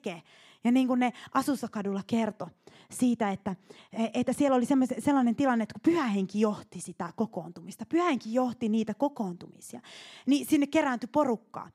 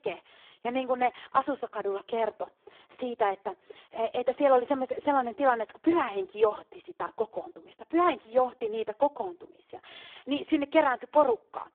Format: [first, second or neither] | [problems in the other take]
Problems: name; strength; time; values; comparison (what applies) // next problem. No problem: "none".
first | phone-call audio; poor line